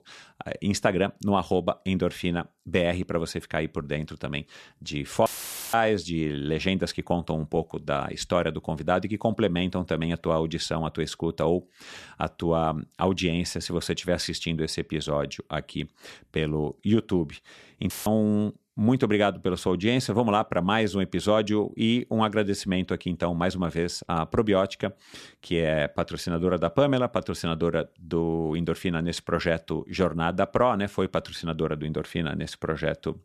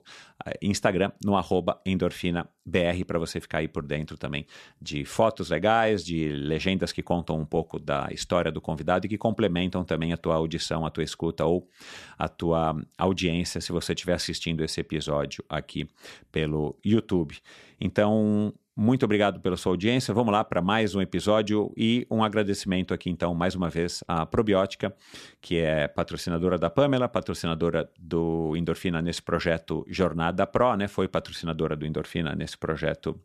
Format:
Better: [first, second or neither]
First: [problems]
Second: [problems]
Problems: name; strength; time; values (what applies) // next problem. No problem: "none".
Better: second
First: audio cutting out; filled with static; at 5.5 s and at 18 s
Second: none